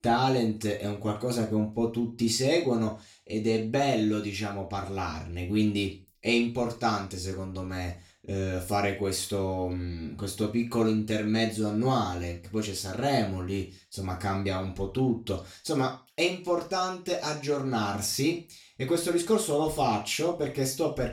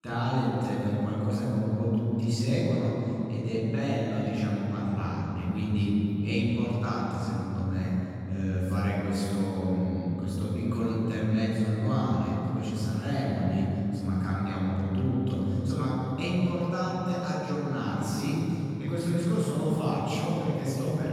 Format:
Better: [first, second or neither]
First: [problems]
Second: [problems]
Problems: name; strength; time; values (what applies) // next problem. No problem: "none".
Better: first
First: room echo; slight; dies away in 0.3 s // off-mic speech; far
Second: room echo; strong; dies away in 3 s // off-mic speech; far